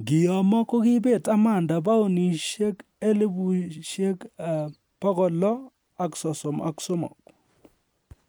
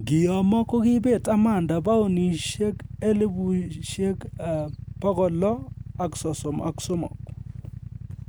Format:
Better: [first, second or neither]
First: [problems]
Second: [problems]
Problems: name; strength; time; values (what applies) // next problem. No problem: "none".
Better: first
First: none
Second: background sound (Idling / Motorcycle); 13 dB below the speech